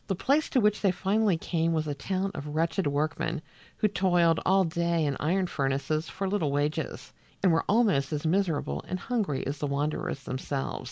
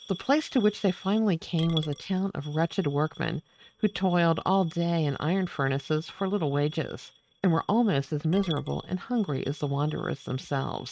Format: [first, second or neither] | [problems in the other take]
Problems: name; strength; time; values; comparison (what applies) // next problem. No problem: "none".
first | noise reduction (neural mask model RNNoise)